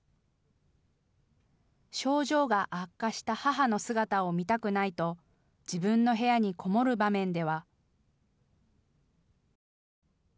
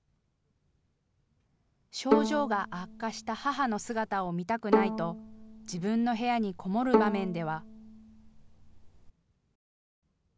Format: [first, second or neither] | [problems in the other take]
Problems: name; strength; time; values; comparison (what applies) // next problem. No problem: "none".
first | background sound (Bowed string instrument); 1 dB above the speech